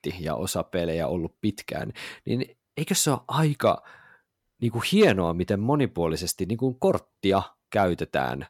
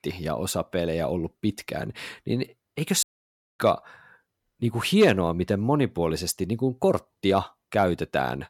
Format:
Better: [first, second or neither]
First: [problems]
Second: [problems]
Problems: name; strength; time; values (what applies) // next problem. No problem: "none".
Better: first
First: none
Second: audio cutting out; at 3 s for 0.5 s